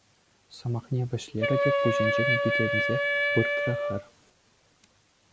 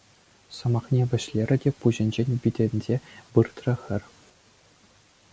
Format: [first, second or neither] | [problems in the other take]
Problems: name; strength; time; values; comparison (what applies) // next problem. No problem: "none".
second | background sound (Wind instrument, woodwind instrument); 4 dB above the speech